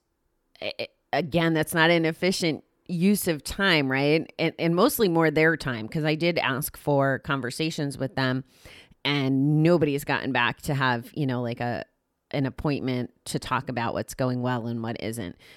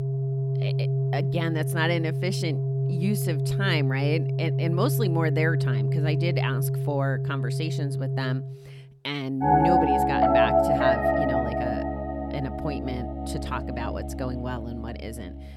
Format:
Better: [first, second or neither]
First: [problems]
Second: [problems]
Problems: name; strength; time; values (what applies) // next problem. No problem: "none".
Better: first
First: none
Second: background music; very loud; throughout; 5 dB above the speech